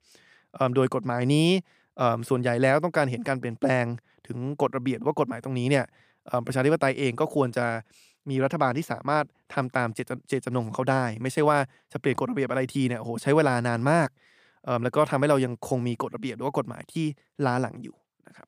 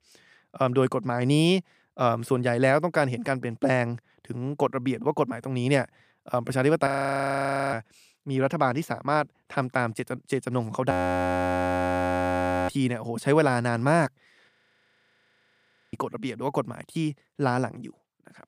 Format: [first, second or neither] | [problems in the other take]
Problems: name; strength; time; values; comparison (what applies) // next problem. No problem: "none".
first | audio freezing; at 7 s for 1 s, at 11 s for 2 s and at 14 s for 1.5 s